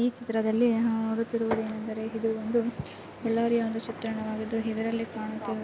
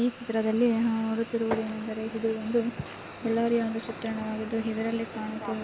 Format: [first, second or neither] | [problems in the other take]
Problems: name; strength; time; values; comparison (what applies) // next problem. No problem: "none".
first | background sound (Frying (food)); 19 dB below the speech